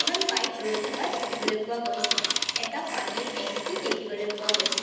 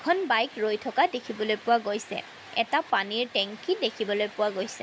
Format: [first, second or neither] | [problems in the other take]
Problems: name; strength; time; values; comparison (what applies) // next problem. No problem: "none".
second | background sound (Telephone); 2 dB above the speech // room echo; dies away in 1.1 s